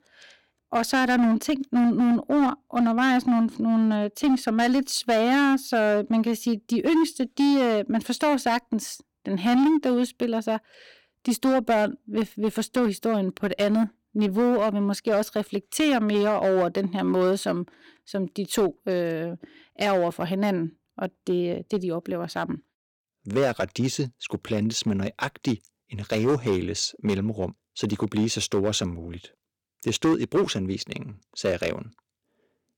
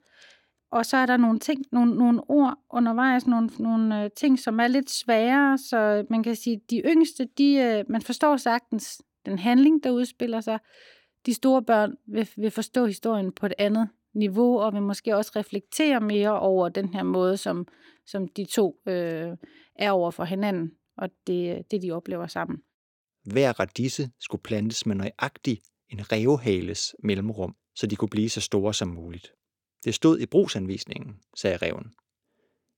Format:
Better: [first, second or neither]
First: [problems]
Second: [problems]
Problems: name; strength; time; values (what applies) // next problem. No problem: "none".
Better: second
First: distortion; slight; 8% of the sound clipped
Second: none